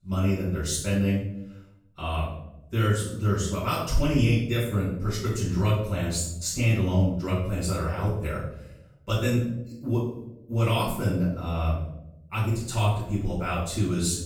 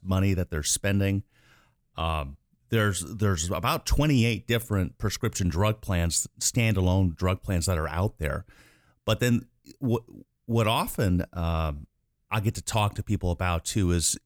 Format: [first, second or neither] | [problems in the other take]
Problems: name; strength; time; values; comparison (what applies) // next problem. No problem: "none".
second | off-mic speech; far // room echo; noticeable; dies away in 0.6 s